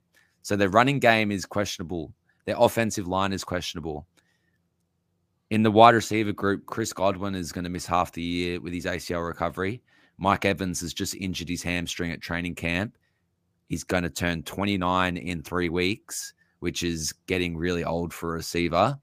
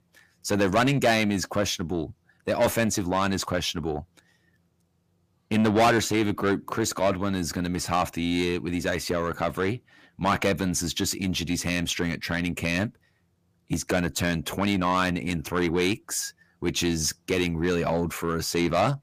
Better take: first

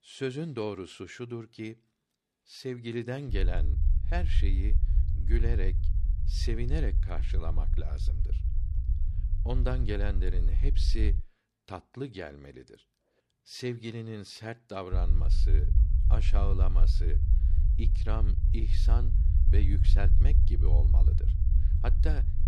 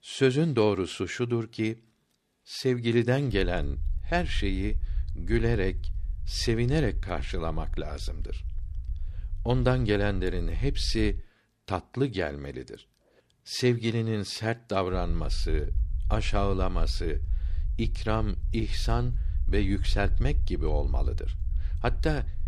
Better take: second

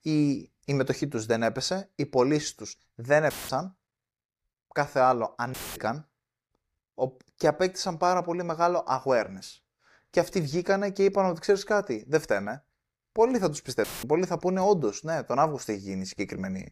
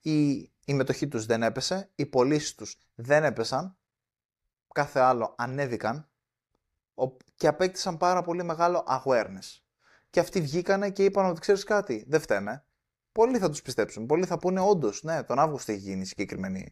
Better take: second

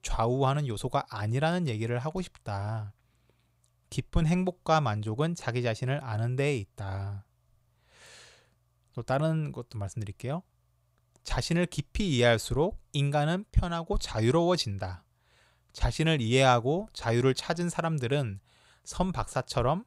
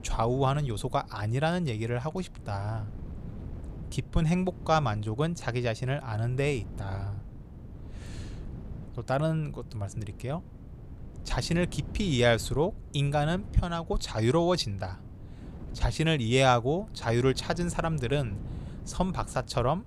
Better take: first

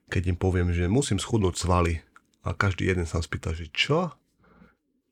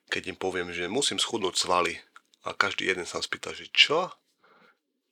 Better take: first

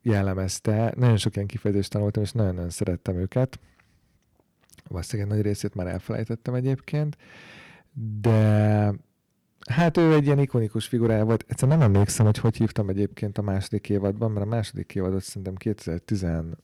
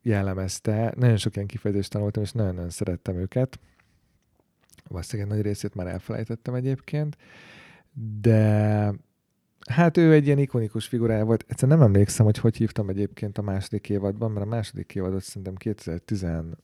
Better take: second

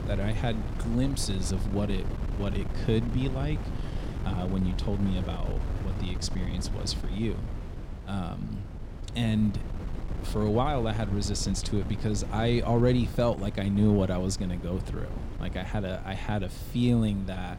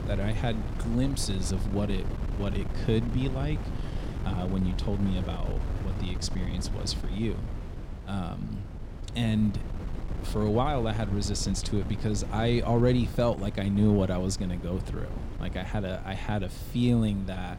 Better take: neither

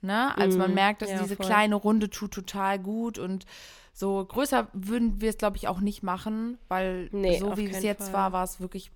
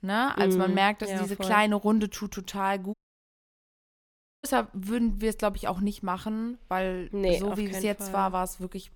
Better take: first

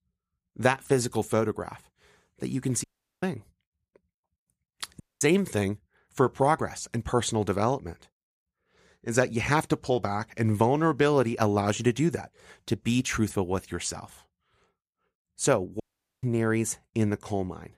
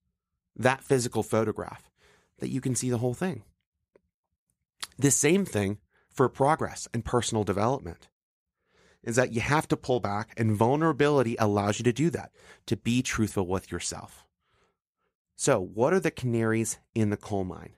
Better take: second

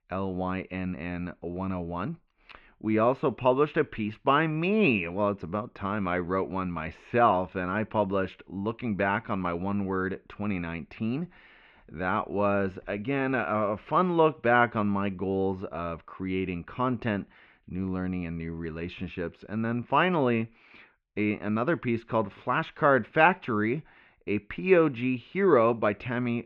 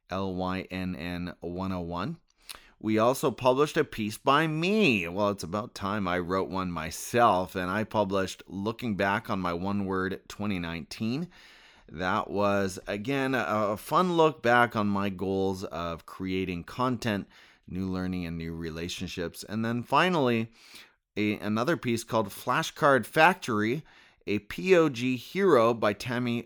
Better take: second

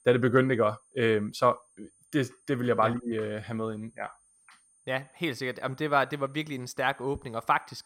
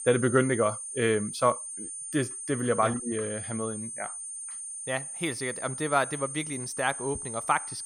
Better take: first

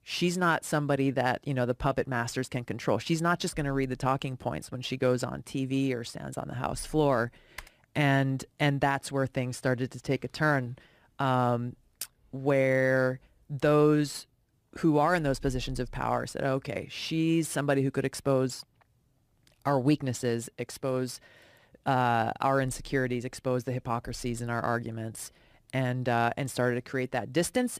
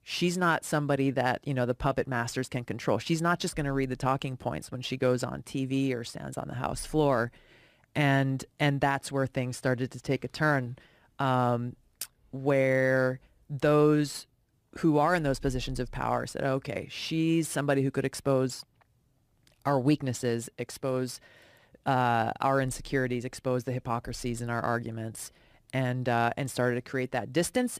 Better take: second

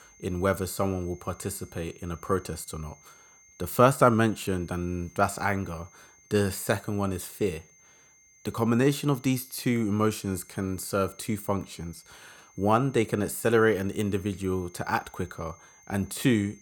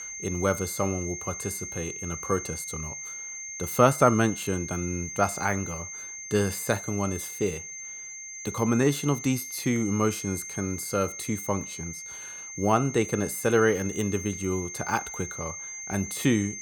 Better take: first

